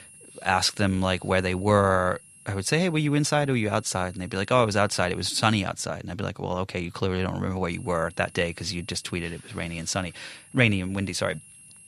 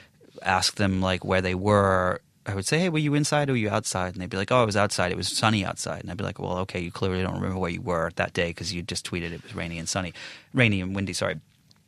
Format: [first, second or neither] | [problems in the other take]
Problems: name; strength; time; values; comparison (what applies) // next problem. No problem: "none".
second | high-pitched whine; faint; until 5.5 s and from 7.5 s on; 10.5 kHz, 25 dB below the speech